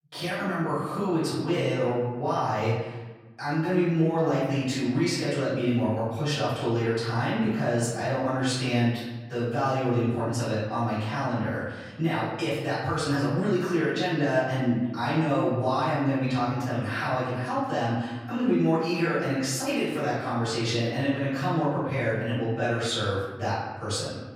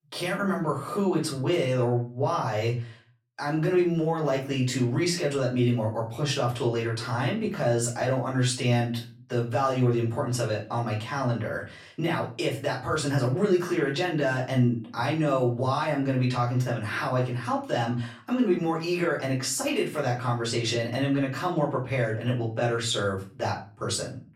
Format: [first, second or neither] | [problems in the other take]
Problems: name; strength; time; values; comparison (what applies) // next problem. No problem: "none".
second | room echo; strong; dies away in 1.2 s; slight in the second // off-mic speech; far; far in the second